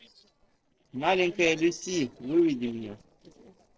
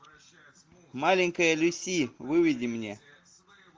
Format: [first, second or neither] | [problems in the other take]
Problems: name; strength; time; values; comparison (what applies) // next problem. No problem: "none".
second | noise reduction (neural separator model SepFormer DNS4)